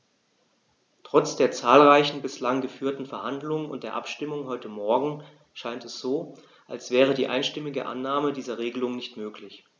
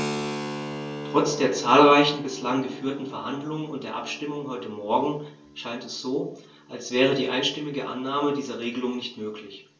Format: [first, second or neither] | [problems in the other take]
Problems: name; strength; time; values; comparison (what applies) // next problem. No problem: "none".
first | background sound (Keyboard (musical)); 12 dB below the speech // room echo; dies away in 0.3 s